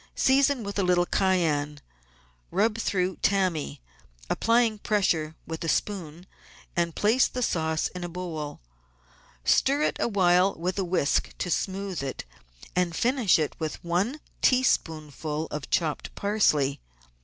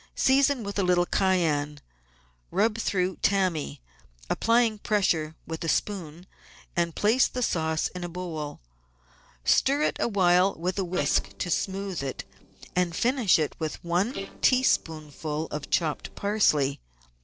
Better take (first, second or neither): first